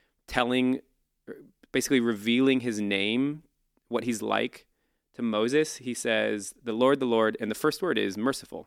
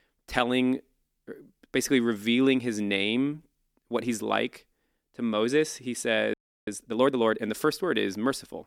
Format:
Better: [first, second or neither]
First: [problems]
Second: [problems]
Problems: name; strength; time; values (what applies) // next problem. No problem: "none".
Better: first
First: none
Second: audio freezing; at 6.5 s